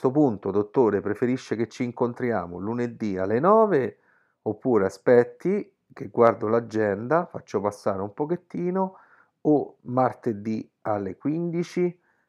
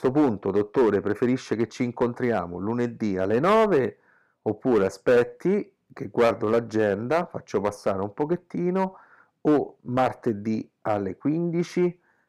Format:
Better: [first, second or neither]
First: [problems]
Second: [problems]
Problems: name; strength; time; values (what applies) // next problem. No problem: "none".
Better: first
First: none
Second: distortion; slight; 3% of the sound clipped